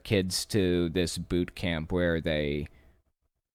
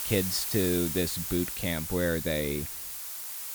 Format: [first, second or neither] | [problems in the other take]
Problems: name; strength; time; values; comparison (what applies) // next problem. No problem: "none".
first | hiss; loud; throughout; 3 dB below the speech